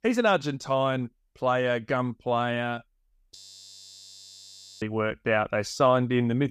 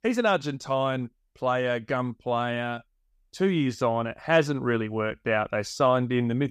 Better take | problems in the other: second | audio freezing; at 3.5 s for 1.5 s

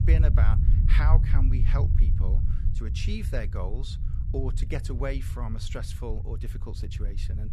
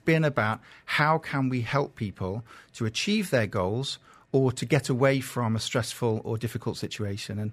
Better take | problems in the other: second | low rumble; loud; throughout; 6 dB below the speech

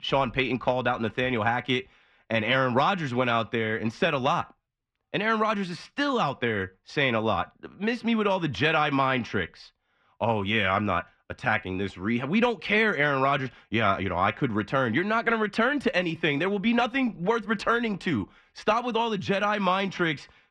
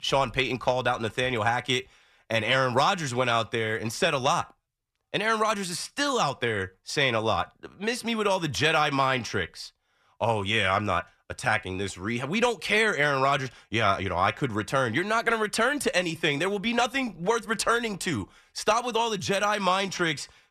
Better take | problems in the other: second | muffled; slightly; fading above 2.5 kHz

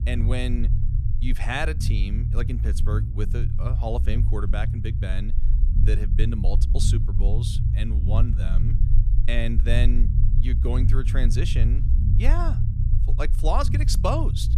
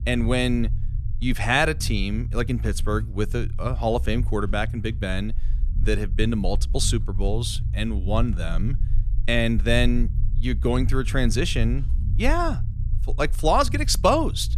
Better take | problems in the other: second | low rumble; loud; throughout; 8 dB below the speech; faint in the second

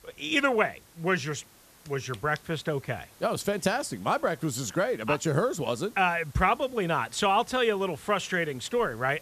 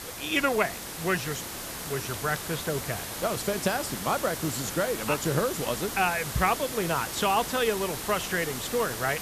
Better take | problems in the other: first | hiss; loud; throughout; 5 dB below the speech; faint in the first

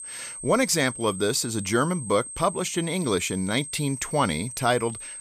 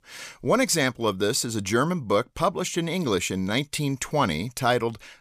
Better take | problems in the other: second | high-pitched whine; loud; throughout; 8.5 kHz, 10 dB below the speech

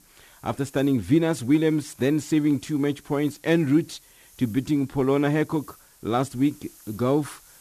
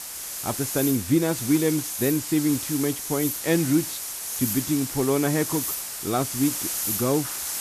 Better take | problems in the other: first | hiss; loud; throughout; 3 dB below the speech; faint in the first

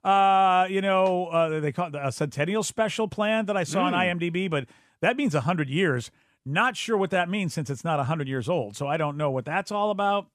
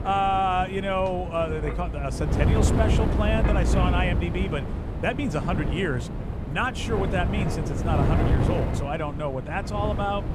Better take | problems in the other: first | wind noise on the microphone; heavy; 6 dB below the speech

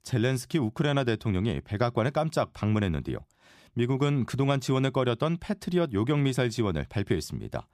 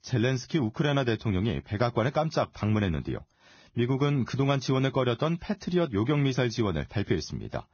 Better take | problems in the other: first | garbled, watery; badly; nothing above 6.5 kHz

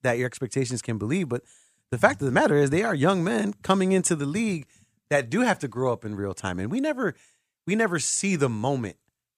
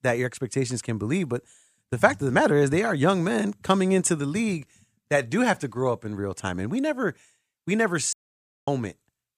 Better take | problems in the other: first | audio cutting out; at 8 s for 0.5 s

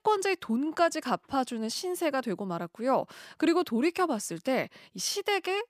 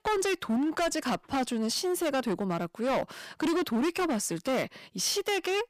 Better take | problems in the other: first | distortion; heavy; 20% of the sound clipped

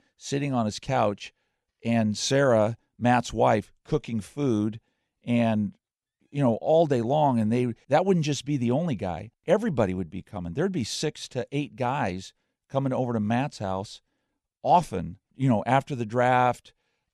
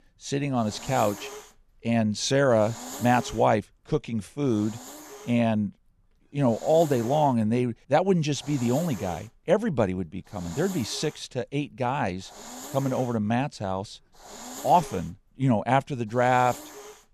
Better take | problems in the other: first | hiss; noticeable; throughout; 15 dB below the speech

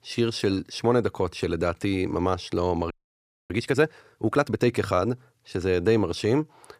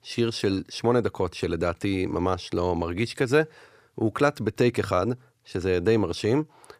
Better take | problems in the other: second | audio freezing; at 3 s for 0.5 s

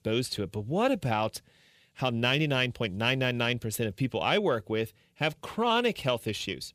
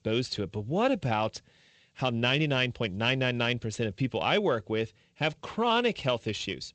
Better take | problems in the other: first | garbled, watery; slightly; nothing above 8 kHz

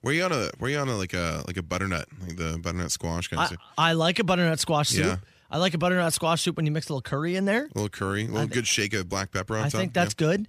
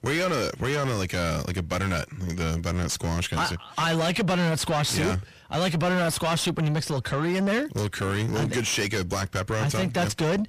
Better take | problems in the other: first | distortion; heavy; 6 dB below the speech

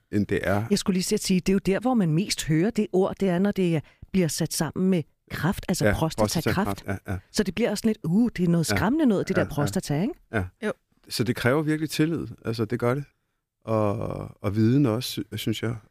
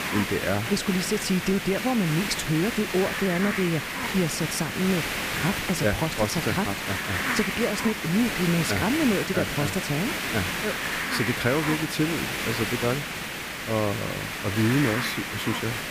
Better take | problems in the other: first | hiss; loud; throughout; 2 dB below the speech

